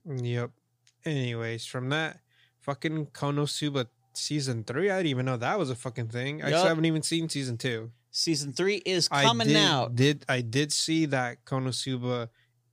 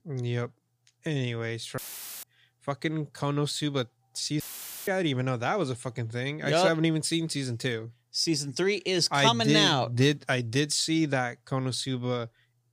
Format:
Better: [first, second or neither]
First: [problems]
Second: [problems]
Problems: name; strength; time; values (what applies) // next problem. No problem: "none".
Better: first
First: none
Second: audio cutting out; filled with static; at 2 s and at 4.5 s